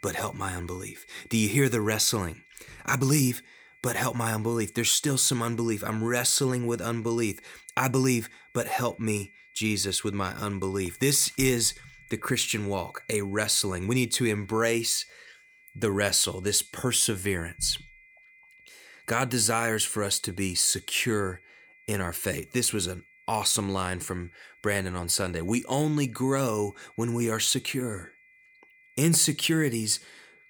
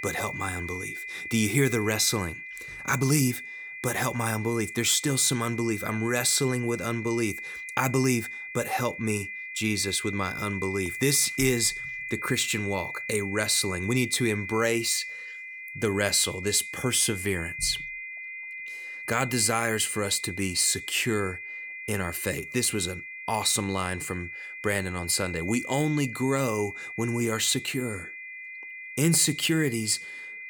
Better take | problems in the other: first | high-pitched whine; loud; throughout; 2 kHz, 9 dB below the speech; faint in the first

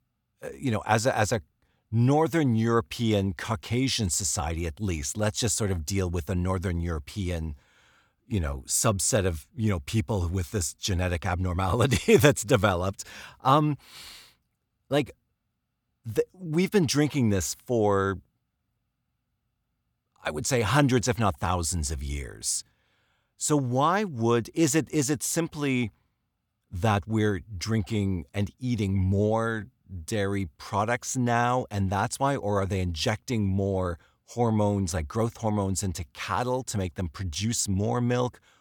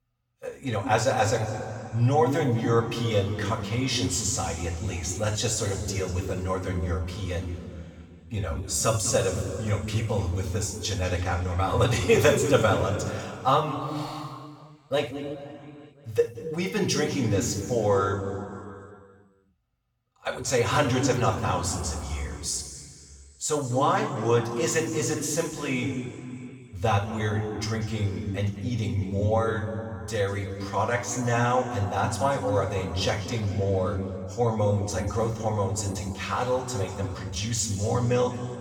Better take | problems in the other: first | room echo; noticeable; dies away in 2.3 s // off-mic speech; far

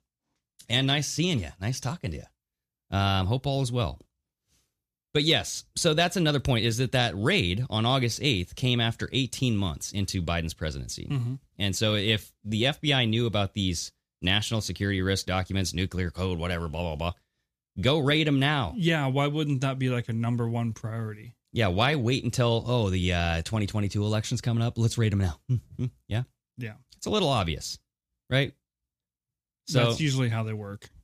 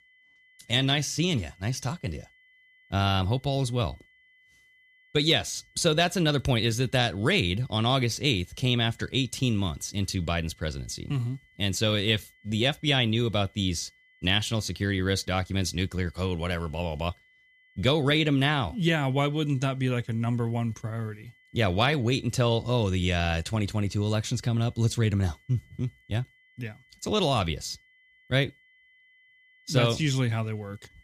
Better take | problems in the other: first | high-pitched whine; faint; throughout; 2 kHz, 30 dB below the speech

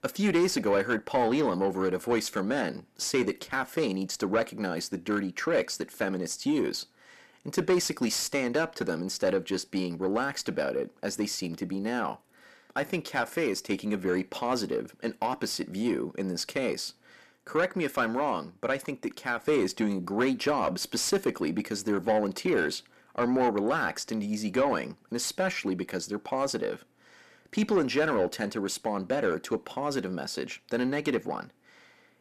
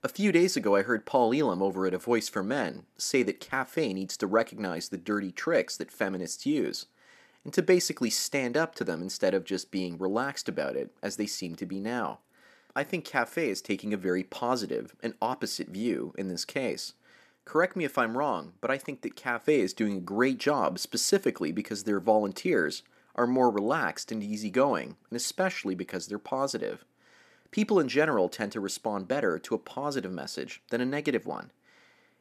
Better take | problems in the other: second | distortion; slight; 10 dB below the speech

